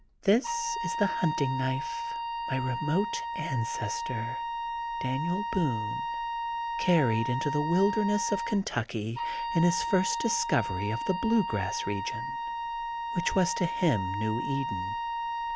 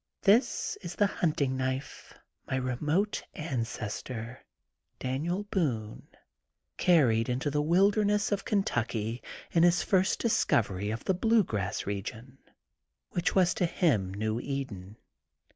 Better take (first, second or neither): second